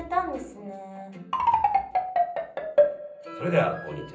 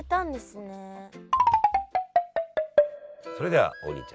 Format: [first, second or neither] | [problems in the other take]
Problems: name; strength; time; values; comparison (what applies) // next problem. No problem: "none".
second | room echo; dies away in 0.6 s